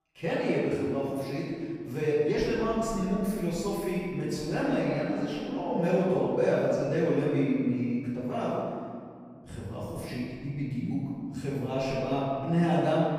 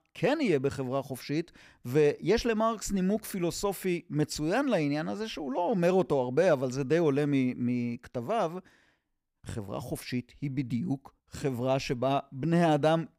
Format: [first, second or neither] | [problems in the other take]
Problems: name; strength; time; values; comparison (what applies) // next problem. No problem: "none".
second | off-mic speech; far // room echo; strong; dies away in 2 s